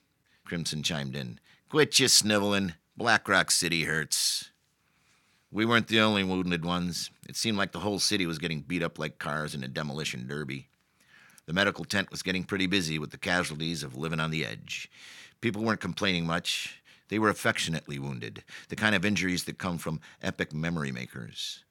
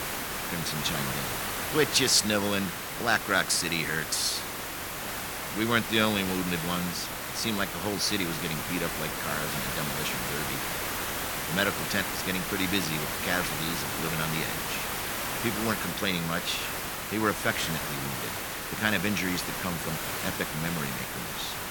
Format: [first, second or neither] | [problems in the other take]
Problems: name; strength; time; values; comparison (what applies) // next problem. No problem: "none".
first | hiss; loud; throughout; 2 dB below the speech